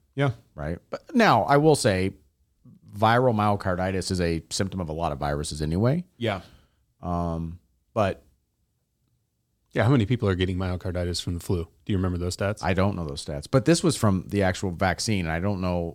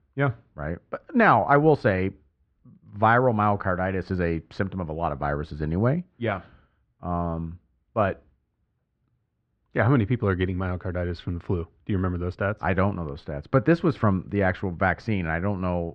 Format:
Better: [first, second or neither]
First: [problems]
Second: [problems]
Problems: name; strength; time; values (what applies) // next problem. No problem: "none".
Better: first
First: none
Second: muffled; very; fading above 2.5 kHz